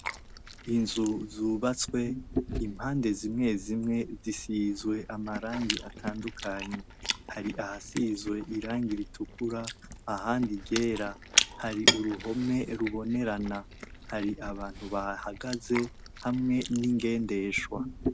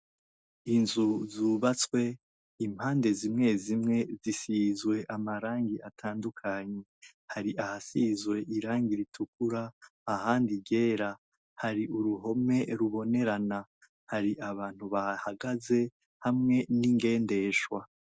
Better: second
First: background sound (Chewing, mastication); 5 dB below the speech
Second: none

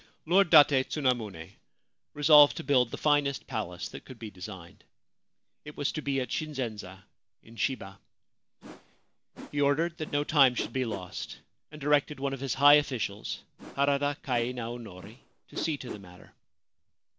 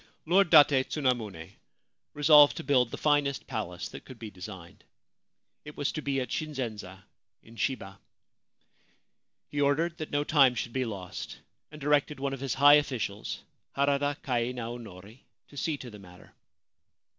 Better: second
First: background sound (Whoosh, swoosh, swish); 16 dB below the speech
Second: none

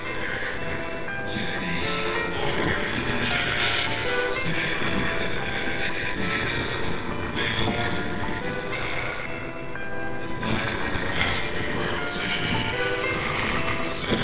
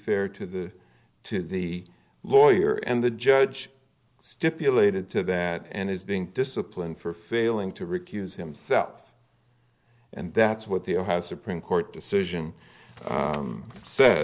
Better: second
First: noise reduction (neural separator model SepFormer WHAMR!)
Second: none

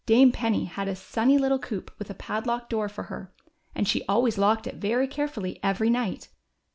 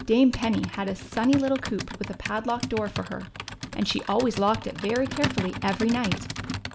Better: first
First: none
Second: background sound (Computer keyboard); 8 dB below the speech

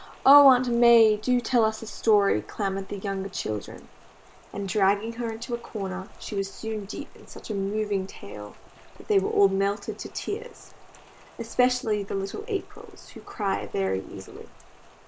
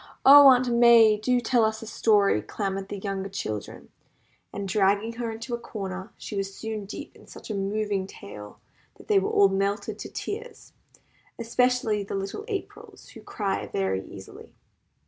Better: second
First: background sound (Rain); 17 dB below the speech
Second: none

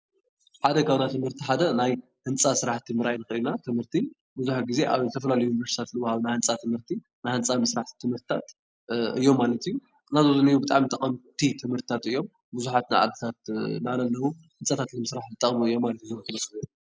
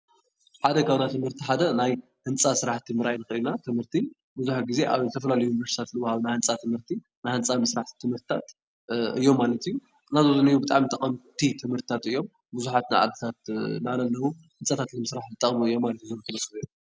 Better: second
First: noise reduction (neural mask model Resemble Enhance denoiser)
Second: none

